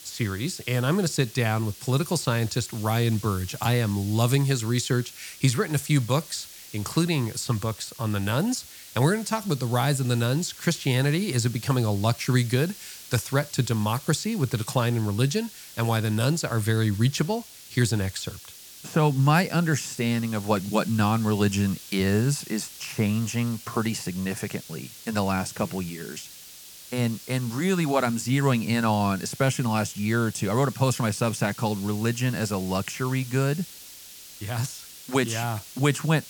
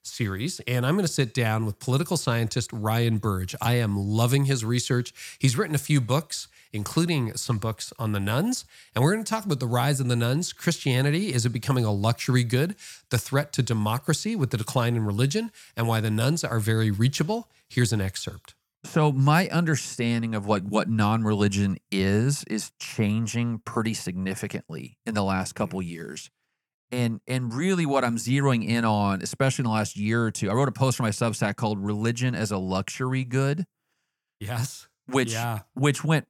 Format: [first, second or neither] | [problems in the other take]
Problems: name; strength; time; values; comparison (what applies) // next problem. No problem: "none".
second | hiss; noticeable; throughout; 15 dB below the speech